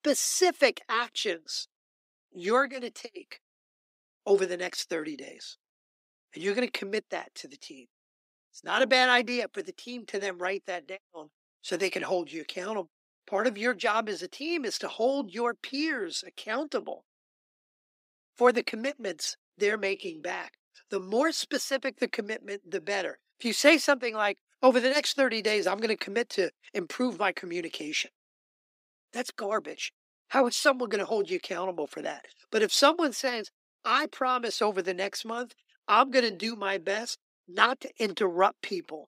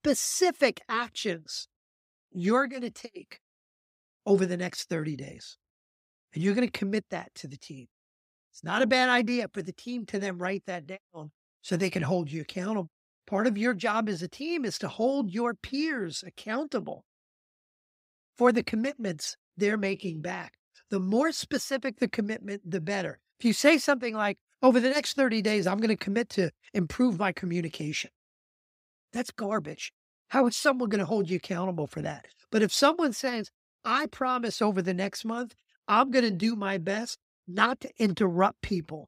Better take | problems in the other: second | thin; somewhat; fading below 300 Hz

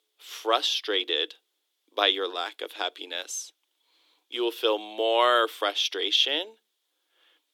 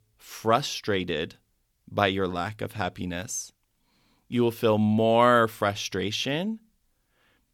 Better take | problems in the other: second | thin; very; fading below 300 Hz

